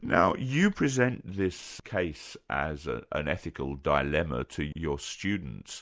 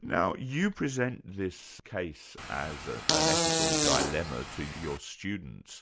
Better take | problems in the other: first | background sound (Fart); 4 dB above the speech

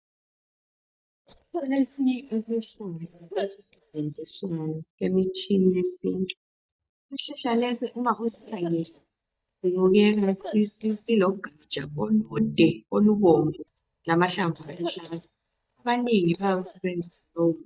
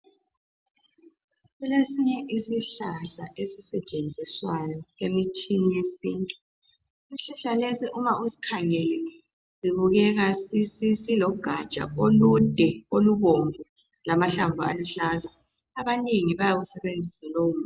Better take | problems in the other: second | noise reduction (neural mask model DeepFilterNet 3)

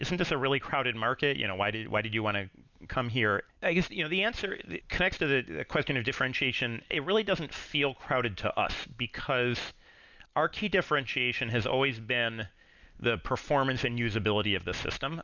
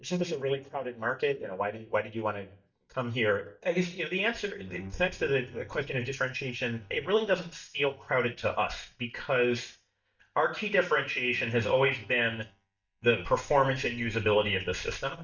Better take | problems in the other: first | noise reduction (neural mask model DeepFilterNet 3)

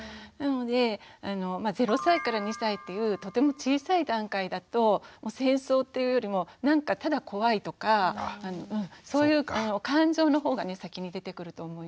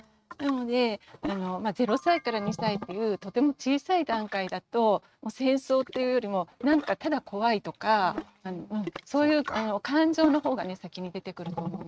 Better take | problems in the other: first | noise reduction (neural mask model RNNoise)

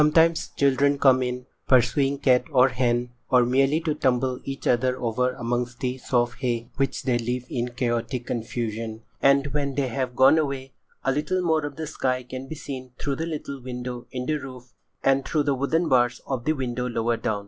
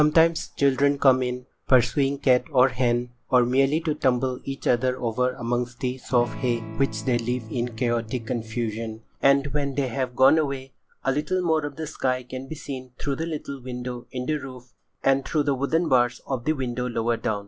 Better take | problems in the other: first | background sound (Electric guitar / Strum); 13 dB below the speech

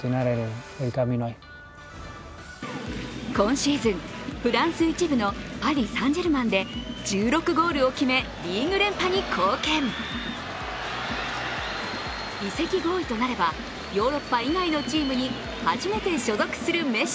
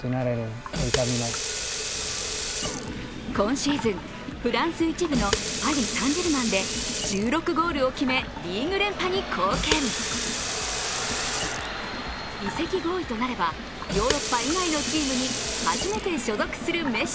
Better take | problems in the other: first | background sound (Sink (filling or washing) / Water tap, faucet); 4 dB below the speech

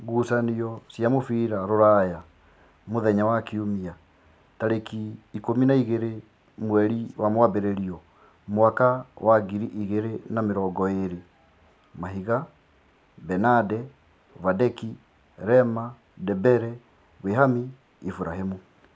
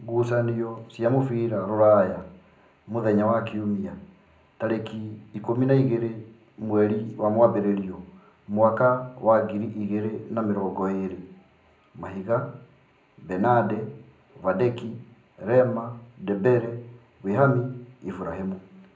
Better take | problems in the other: first | room echo; dies away in 0.5 s

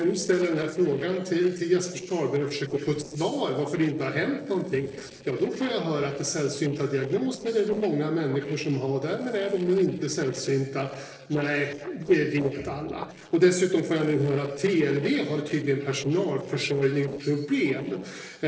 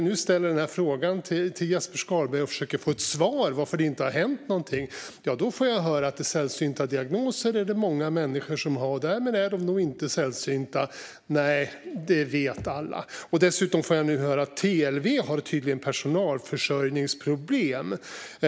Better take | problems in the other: second | noise reduction (neural separator model SepFormer DNS4)

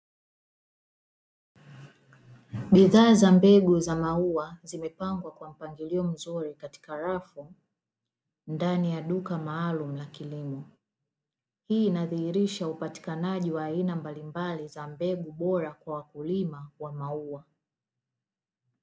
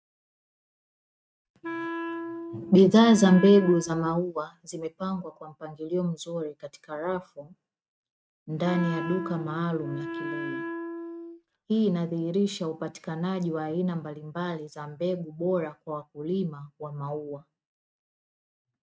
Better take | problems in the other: first | noise reduction (neural mask model RNNoise)

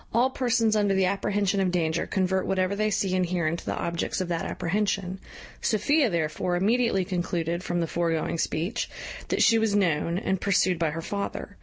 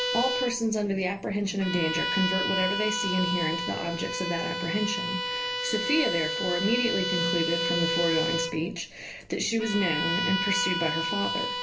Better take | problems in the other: first | background sound (Bowed string instrument); 1 dB below the speech // room echo; dies away in 0.3 s

